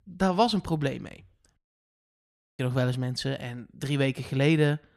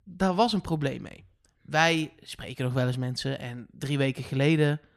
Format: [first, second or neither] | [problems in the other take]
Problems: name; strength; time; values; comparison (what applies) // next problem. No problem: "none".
second | audio cutting out; at 1.5 s for 1 s